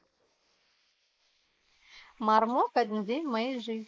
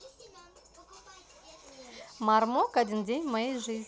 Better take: second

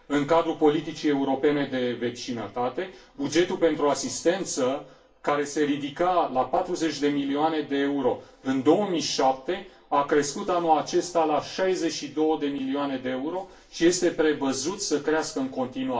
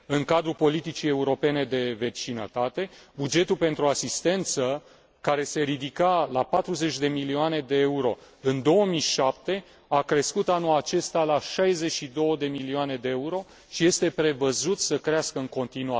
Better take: second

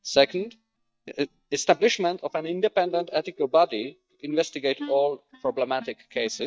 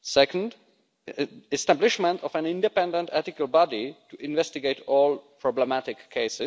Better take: second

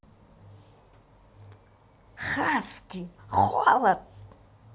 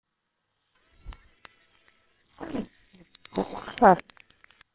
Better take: first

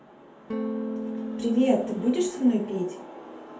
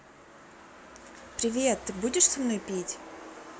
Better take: second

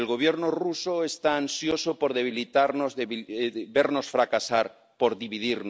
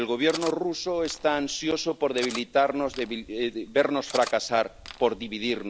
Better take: first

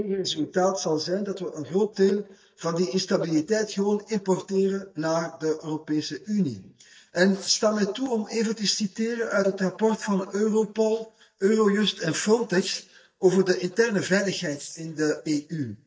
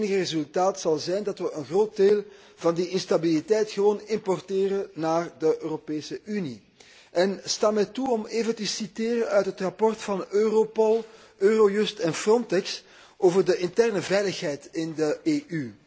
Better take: second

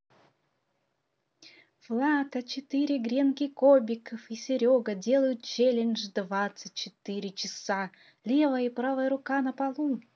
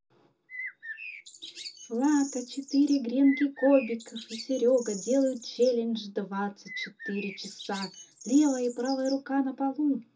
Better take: first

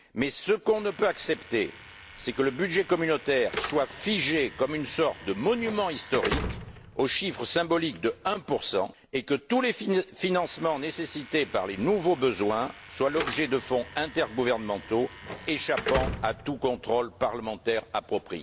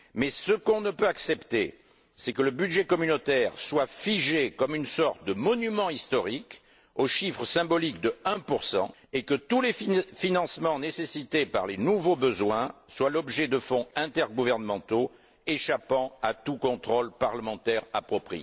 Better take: second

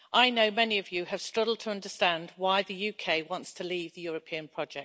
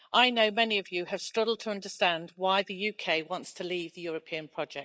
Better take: first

